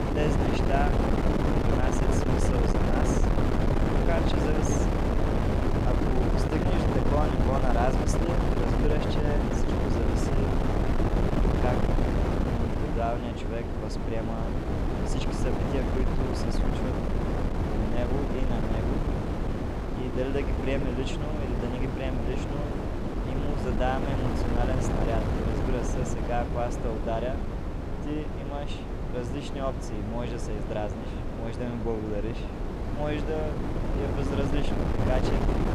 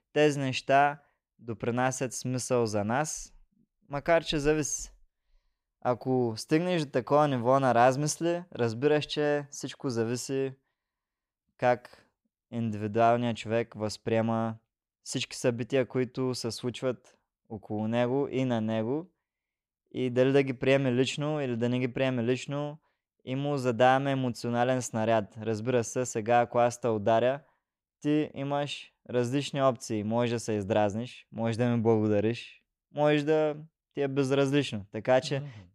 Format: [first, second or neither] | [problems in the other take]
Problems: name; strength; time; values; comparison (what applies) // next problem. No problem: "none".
second | wind noise on the microphone; heavy; 2 dB above the speech